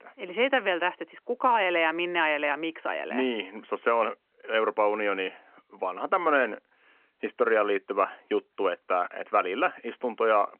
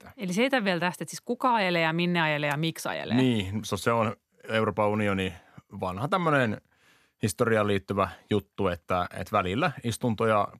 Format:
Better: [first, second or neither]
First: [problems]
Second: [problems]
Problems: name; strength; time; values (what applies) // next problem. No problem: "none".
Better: second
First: phone-call audio; nothing above 3 kHz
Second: none